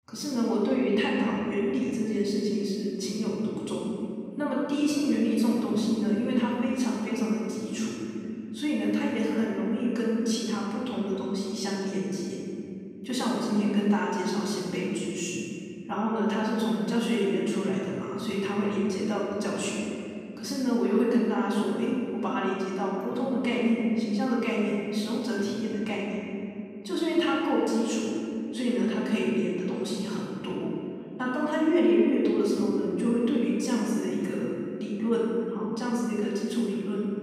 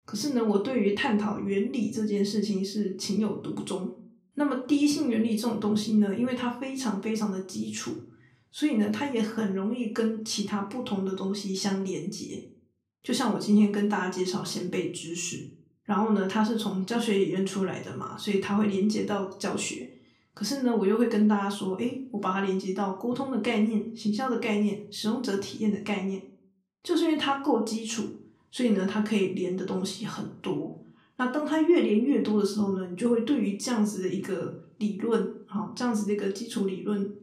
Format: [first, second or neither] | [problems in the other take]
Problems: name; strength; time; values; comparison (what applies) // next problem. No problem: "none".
second | room echo; strong; dies away in 2.8 s; slight in the second // off-mic speech; far; far in the second